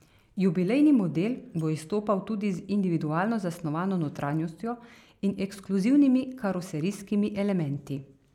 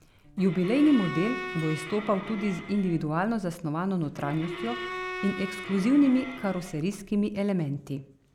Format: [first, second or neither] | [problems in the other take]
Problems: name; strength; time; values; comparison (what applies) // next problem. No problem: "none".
first | background sound (Bowed string instrument); 11 dB below the speech